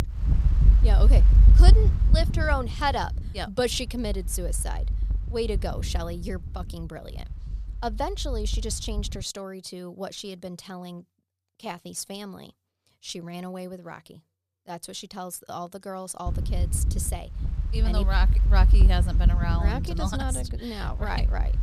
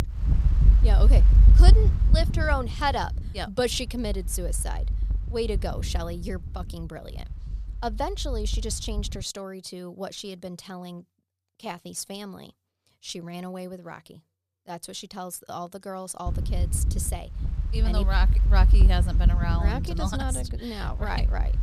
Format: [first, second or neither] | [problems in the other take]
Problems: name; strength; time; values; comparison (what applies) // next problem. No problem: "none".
neither | wind noise on the microphone; occasional gusts; until 9 s and from 16 s on; 10 dB below the speech; the same in both